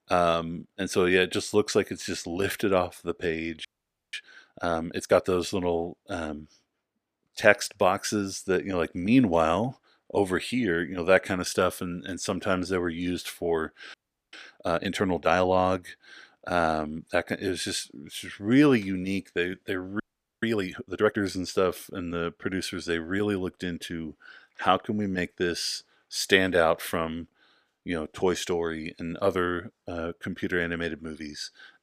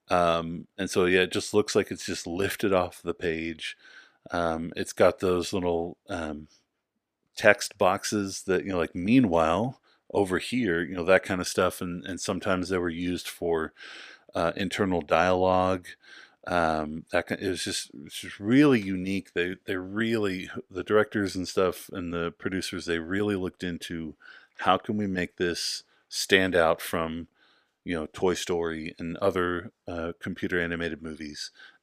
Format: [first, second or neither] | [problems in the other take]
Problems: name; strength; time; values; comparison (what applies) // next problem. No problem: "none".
second | audio freezing; at 3.5 s, at 14 s and at 20 s